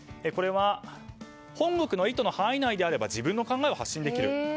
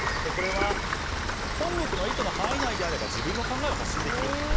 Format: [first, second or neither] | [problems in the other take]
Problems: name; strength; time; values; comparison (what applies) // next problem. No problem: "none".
first | background sound (Rain); 4 dB above the speech